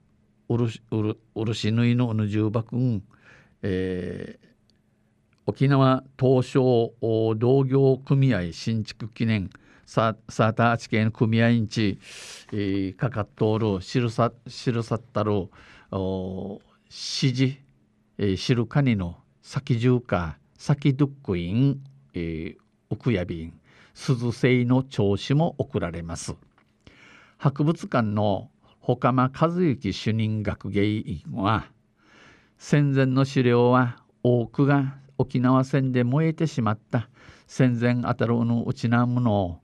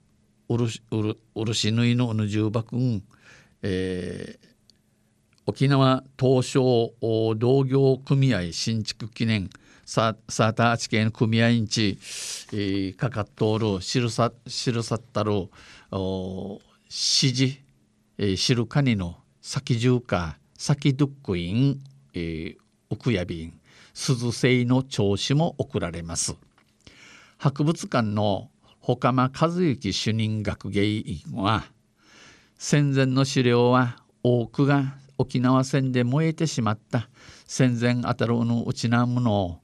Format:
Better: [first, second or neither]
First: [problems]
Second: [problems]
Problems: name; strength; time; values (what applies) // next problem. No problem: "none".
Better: second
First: muffled; slightly; fading above 3.5 kHz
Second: none